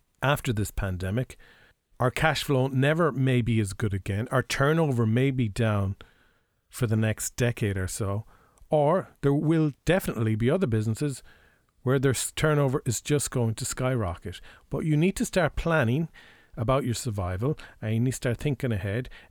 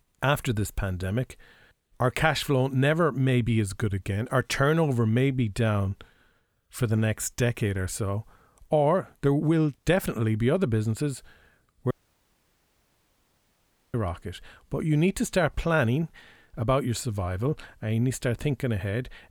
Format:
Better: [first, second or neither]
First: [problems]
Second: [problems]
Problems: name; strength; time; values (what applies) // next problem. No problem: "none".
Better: first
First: none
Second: audio cutting out; at 12 s for 2 s